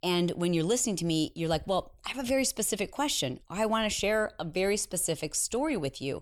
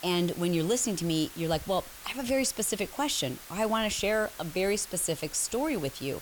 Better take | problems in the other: first | hiss; noticeable; throughout; 15 dB below the speech

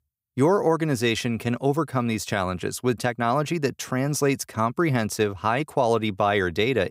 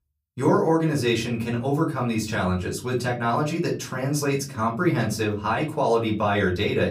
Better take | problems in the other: first | off-mic speech; far // room echo; very slight; dies away in 0.3 s

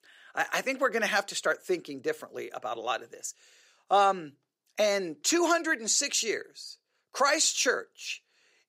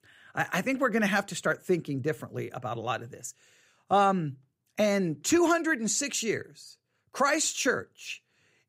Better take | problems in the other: second | thin; somewhat; fading below 450 Hz

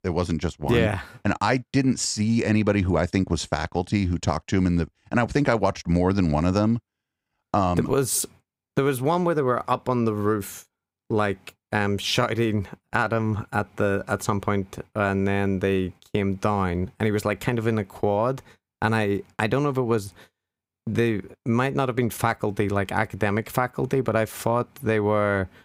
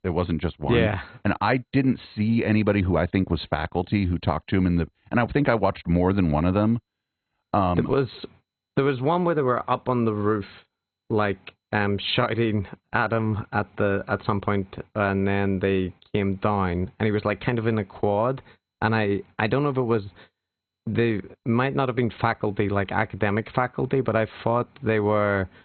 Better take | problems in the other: first | garbled, watery; badly; nothing above 4 kHz

